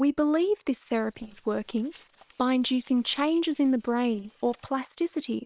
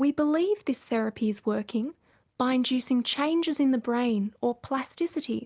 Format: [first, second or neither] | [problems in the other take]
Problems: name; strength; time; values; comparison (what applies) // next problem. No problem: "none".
second | noise reduction (neural separator model SepFormer WHAM!)